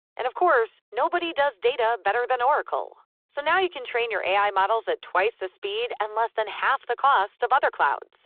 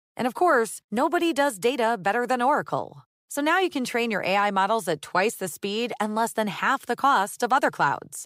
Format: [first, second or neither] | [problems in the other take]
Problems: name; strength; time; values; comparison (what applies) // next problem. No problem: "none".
second | phone-call audio